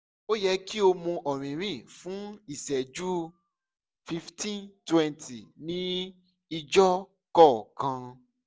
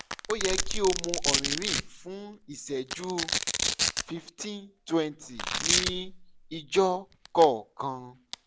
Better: first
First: none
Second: background sound (Domestic sounds, home sounds); 1 dB below the speech

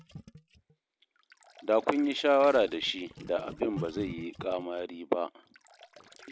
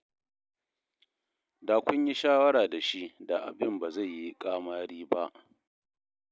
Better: second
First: background sound (Gurgling); 17 dB below the speech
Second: none

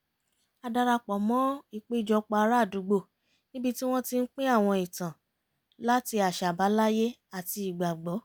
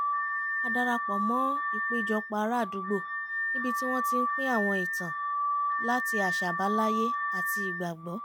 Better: first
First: none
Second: background sound (Alarm / Car); 2 dB above the speech

